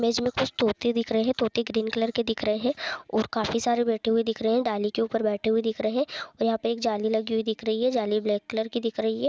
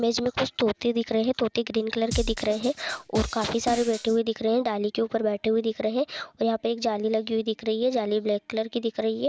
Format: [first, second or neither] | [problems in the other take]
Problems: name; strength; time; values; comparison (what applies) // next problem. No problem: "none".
first | background sound (Drum kit); 9 dB below the speech